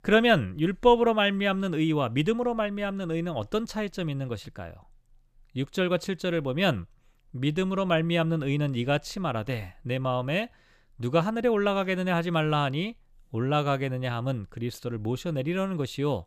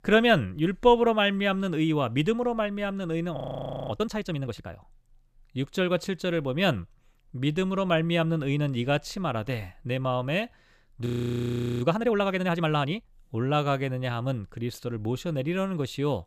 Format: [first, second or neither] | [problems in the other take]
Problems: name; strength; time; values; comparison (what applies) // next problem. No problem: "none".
first | audio freezing; at 3.5 s for 0.5 s and at 11 s for 1 s